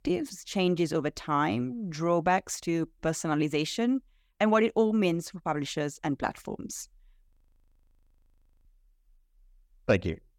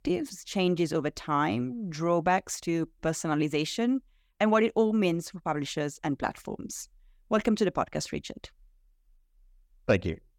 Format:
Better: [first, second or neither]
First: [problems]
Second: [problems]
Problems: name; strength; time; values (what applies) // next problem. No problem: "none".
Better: second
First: audio freezing; at 7.5 s for 1.5 s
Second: none